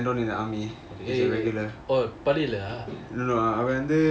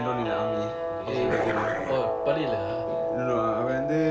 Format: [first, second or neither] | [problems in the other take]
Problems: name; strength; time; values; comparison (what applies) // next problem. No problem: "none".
first | background sound (Dog + Guitar); 1 dB above the speech